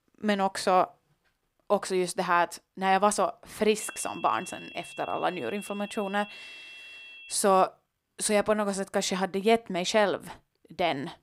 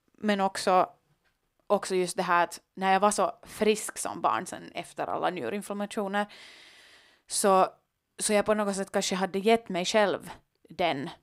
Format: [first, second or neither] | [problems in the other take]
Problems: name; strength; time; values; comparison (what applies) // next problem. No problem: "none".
second | high-pitched whine; noticeable; from 4 to 7.5 s; 2.5 kHz, 15 dB below the speech